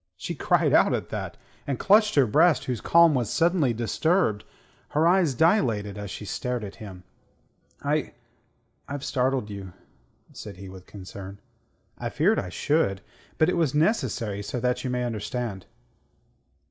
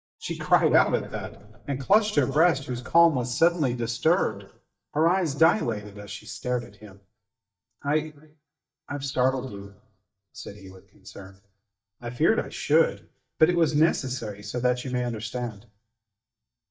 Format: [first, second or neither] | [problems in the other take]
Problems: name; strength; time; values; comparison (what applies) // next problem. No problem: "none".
first | noise reduction (neural mask model DeepFilterNet 3)